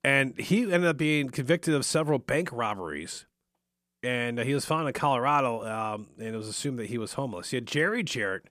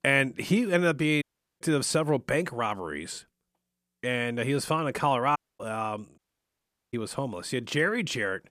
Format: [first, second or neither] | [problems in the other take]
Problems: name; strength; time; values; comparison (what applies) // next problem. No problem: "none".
first | audio cutting out; at 1 s, at 5.5 s and at 6 s for 1 s